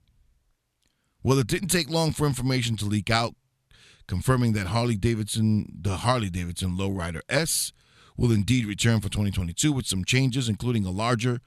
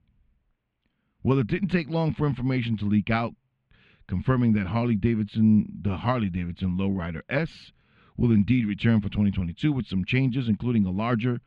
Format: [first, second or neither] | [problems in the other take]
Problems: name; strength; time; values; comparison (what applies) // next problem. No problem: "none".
first | muffled; very; fading above 2.5 kHz